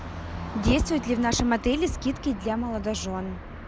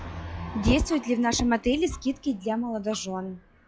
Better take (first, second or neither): first